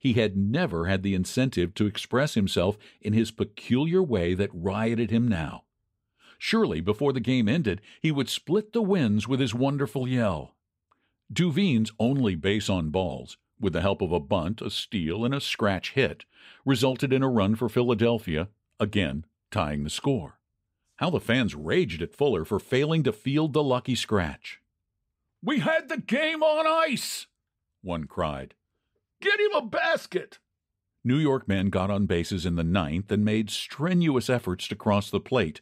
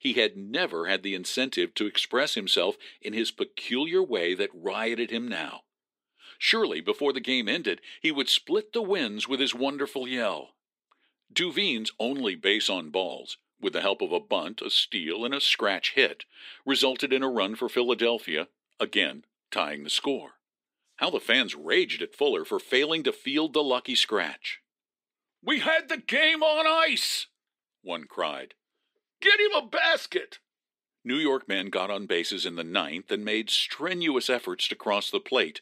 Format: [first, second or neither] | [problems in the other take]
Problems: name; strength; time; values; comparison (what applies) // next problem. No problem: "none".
first | thin; somewhat; fading below 300 Hz